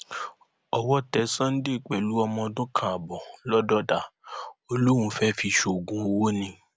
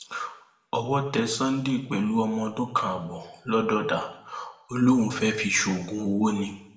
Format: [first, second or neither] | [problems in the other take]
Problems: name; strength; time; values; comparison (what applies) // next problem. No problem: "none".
first | room echo; dies away in 0.6 s